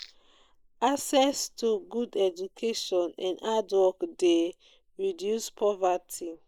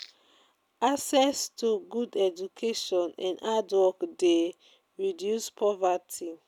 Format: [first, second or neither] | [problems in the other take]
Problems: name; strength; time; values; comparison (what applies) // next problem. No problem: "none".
second | noise reduction (neural mask model Resemble Enhance denoiser)